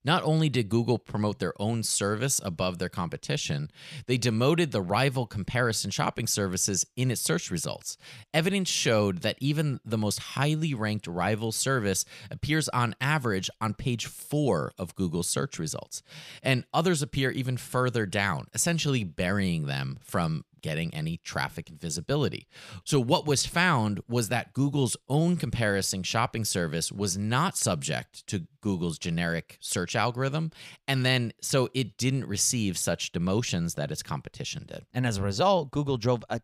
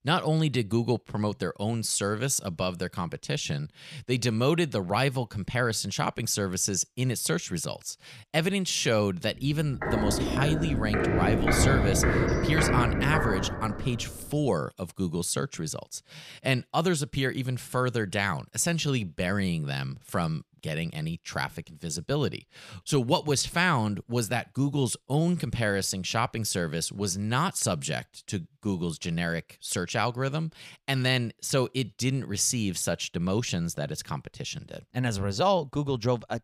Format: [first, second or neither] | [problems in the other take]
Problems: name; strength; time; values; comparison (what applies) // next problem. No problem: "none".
first | footsteps; loud; from 9.5 to 14 s; peak 5 dB above the speech